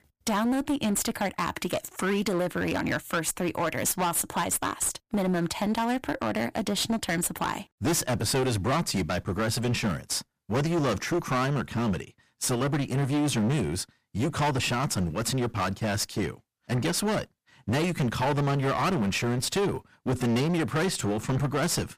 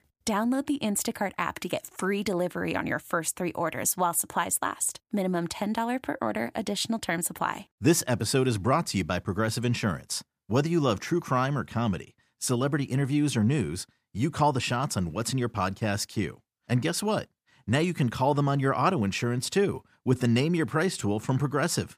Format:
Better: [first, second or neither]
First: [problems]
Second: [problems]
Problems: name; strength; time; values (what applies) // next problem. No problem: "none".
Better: second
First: distortion; heavy; 21% of the sound clipped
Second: none